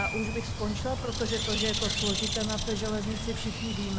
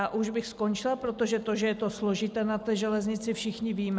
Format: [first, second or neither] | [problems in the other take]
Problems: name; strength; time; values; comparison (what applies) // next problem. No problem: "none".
second | background sound (Bird); 1 dB above the speech